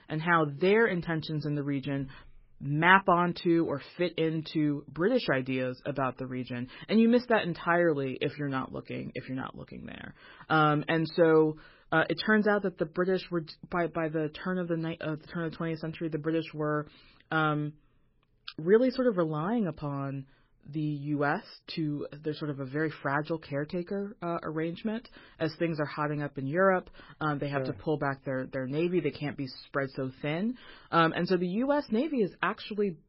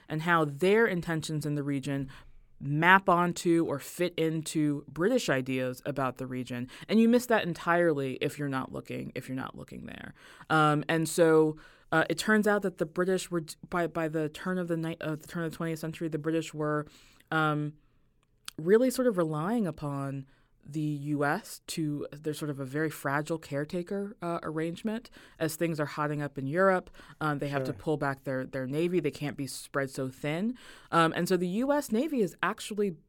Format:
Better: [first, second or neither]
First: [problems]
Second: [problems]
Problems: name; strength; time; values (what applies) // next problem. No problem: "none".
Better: second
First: garbled, watery; badly; nothing above 5.5 kHz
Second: none